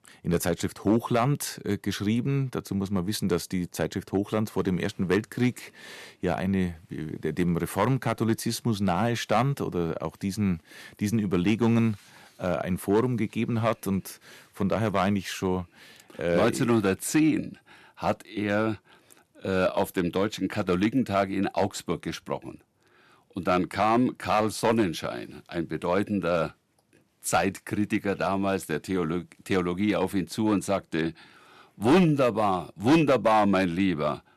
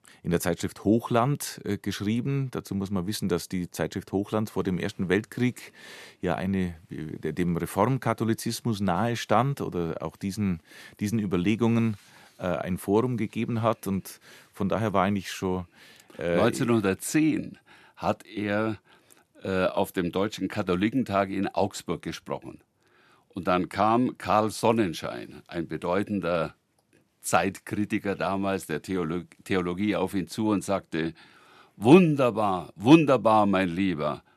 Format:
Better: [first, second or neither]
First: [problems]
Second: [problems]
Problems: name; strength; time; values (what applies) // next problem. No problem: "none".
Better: second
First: distortion; slight; 1.7% of the sound clipped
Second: none